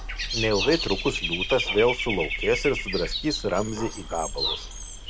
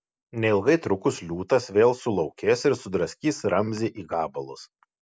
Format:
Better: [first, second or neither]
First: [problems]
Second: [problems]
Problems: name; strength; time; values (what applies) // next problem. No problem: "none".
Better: second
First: background sound (Bird / Dog); 3 dB below the speech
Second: none